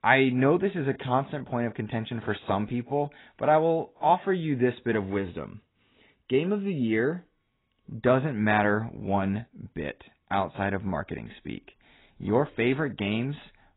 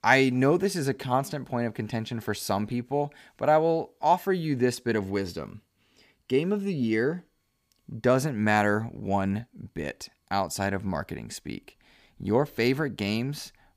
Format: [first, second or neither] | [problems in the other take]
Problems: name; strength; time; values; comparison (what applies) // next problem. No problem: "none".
second | garbled, watery; badly; nothing above 4 kHz